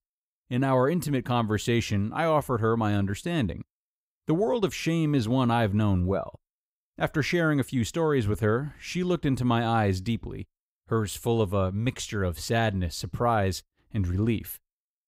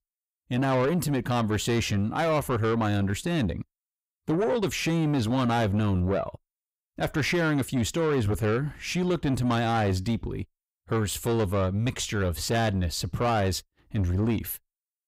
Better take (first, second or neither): first